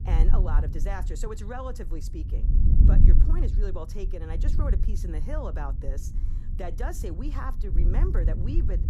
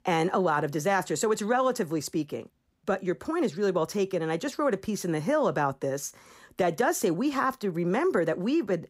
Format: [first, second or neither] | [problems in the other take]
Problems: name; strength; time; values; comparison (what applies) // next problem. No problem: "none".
second | wind noise on the microphone; heavy; 6 dB below the speech